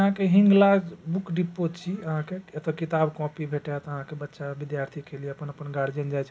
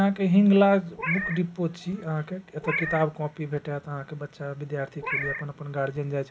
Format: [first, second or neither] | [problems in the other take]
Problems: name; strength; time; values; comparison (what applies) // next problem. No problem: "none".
first | background sound (Meow); 8 dB below the speech